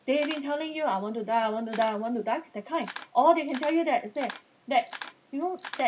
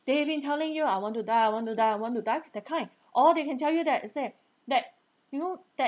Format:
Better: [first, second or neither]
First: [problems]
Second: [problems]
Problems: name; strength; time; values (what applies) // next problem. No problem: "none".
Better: second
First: background sound (Camera); 17 dB below the speech // room echo; dies away in 0.4 s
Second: none